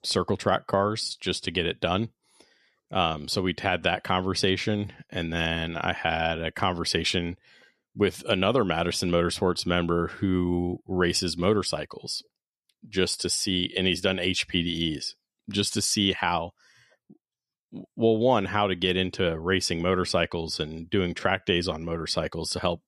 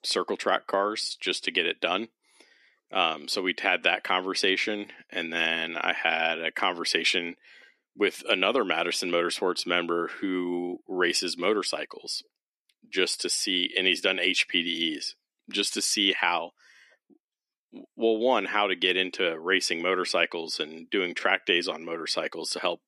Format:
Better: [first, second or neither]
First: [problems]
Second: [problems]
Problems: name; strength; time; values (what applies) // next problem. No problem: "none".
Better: first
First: none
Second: thin; very slightly; fading below 300 Hz